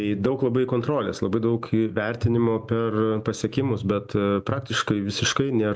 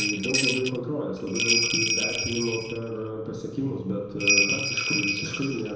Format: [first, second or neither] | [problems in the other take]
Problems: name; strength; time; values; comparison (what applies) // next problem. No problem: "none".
first | background sound (Bell); 2 dB above the speech // room echo; dies away in 1 s